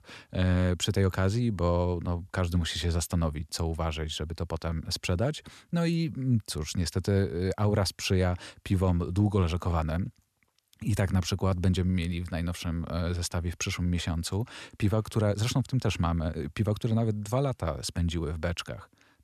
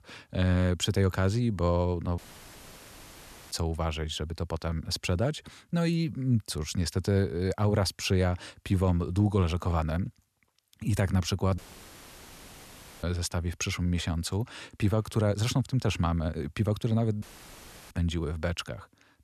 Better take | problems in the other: first | audio cutting out; filled with static; at 2 s for 1.5 s, at 12 s for 1.5 s and at 17 s for 0.5 s

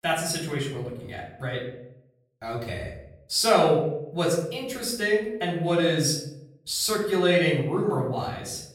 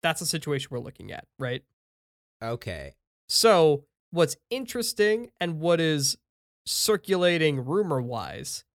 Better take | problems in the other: second | off-mic speech; far // room echo; noticeable; dies away in 0.6 s

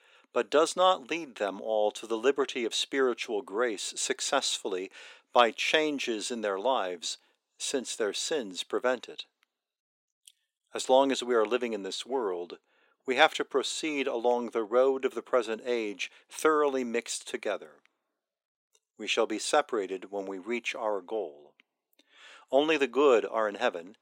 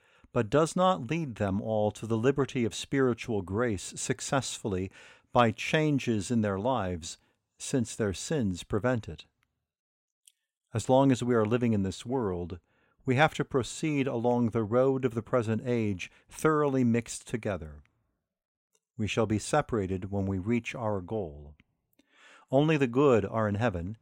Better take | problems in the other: second | thin; somewhat; fading below 350 Hz

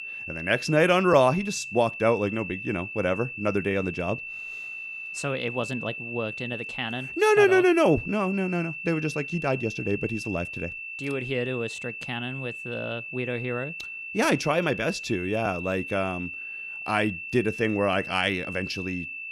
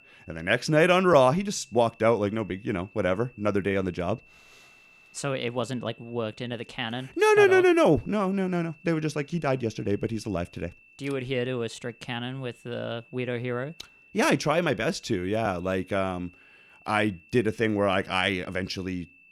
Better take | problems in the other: second | high-pitched whine; loud; throughout; 2.5 kHz, 8 dB below the speech; faint in the second

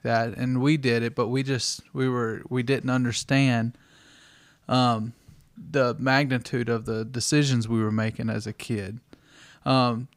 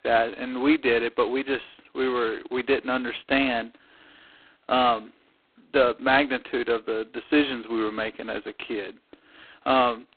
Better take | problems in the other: first | phone-call audio; poor line; nothing above 4 kHz

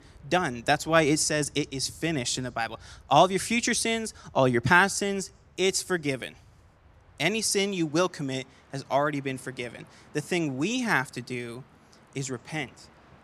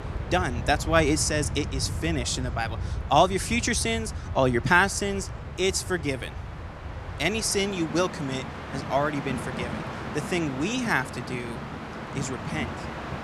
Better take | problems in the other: first | train or aircraft noise; loud; throughout; 8 dB below the speech; faint in the first

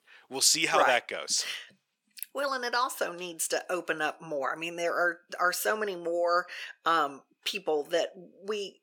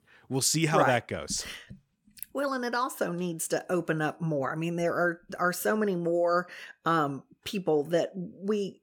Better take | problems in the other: second | thin; somewhat; fading below 500 Hz

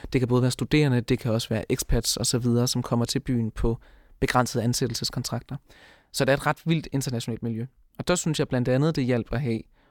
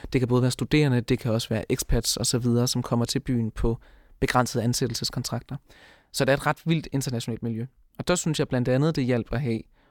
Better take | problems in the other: neither | none

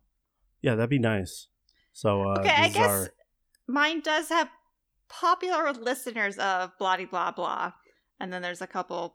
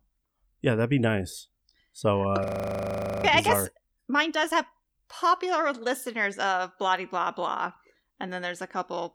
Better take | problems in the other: first | audio freezing; at 2.5 s for 1 s

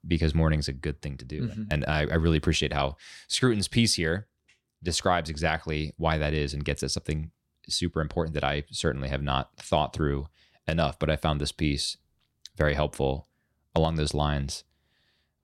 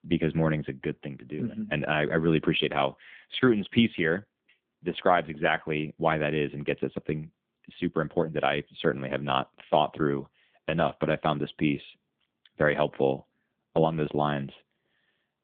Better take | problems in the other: first | phone-call audio; nothing above 3.5 kHz

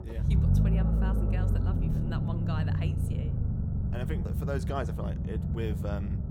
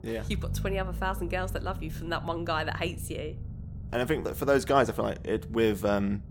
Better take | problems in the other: second | low rumble; loud; throughout; as loud as the speech; faint in the second

